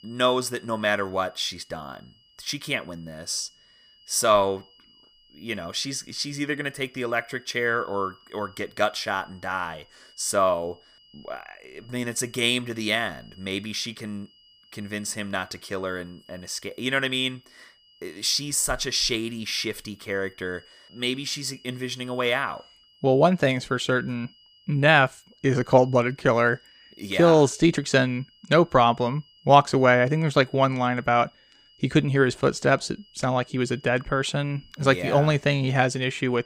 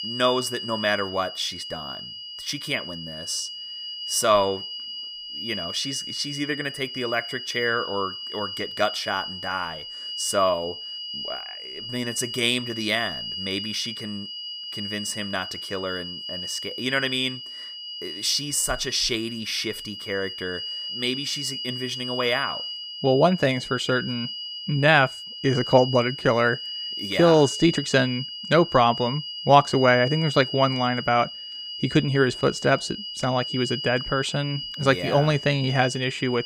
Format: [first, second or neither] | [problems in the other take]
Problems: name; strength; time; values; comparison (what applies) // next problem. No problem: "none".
first | high-pitched whine; loud; throughout; 3 kHz, 8 dB below the speech; faint in the first